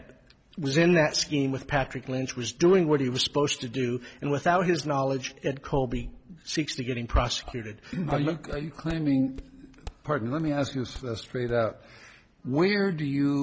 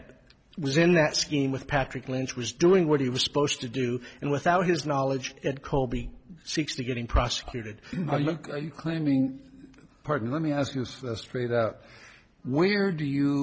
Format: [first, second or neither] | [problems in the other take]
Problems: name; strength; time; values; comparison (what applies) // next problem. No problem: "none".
second | background sound (Walk, footsteps); 18 dB below the speech